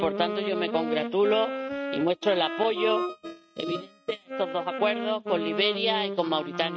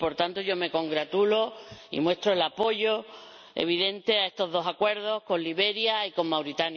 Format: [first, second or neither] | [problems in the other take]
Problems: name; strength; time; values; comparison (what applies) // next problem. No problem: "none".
second | noise reduction (neural mask model RNNoise)